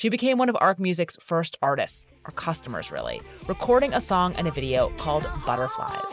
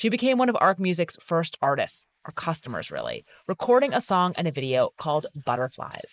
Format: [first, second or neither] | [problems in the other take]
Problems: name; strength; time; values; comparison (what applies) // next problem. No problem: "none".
first | noise reduction (neural mask model Resemble Enhance denoiser)